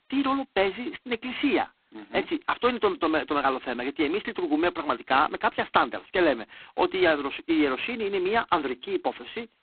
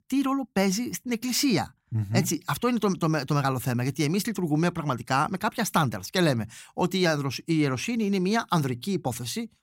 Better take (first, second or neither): second